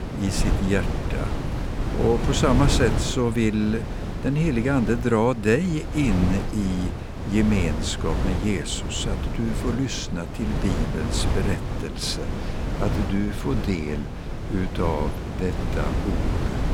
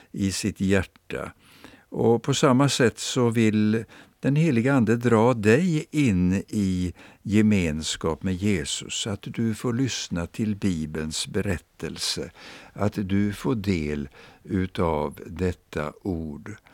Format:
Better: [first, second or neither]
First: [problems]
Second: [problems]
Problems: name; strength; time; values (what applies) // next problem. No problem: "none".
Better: second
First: wind noise on the microphone; heavy; 6 dB below the speech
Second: none